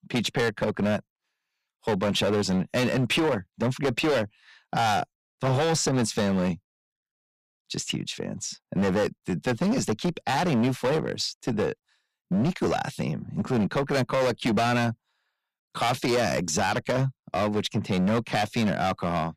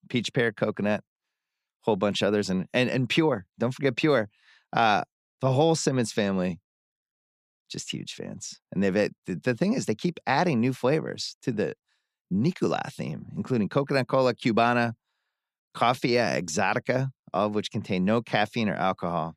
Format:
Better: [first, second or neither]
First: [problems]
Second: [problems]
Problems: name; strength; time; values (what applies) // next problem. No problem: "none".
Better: second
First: distortion; heavy; 14% of the sound clipped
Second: none